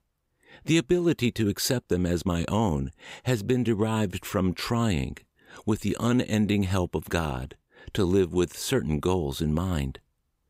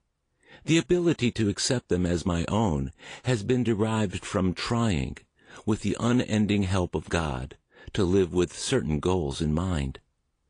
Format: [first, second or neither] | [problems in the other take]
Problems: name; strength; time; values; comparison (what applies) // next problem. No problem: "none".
first | garbled, watery; slightly; nothing above 10 kHz